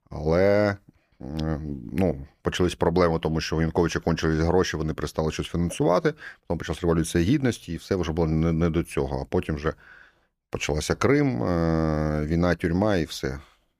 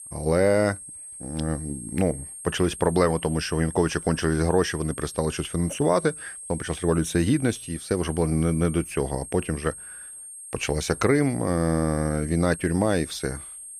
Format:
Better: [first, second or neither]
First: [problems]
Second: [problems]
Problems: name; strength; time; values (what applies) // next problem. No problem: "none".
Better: first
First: none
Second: high-pitched whine; noticeable; throughout; 8.5 kHz, 10 dB below the speech